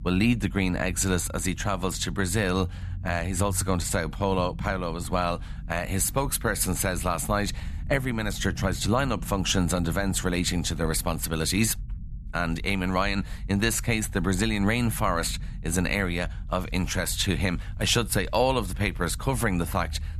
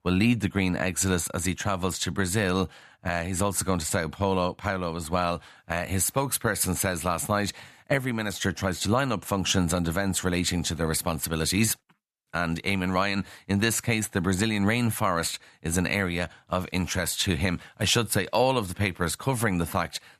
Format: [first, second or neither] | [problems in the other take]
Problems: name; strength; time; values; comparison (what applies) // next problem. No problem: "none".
second | low rumble; faint; throughout; 25 dB below the speech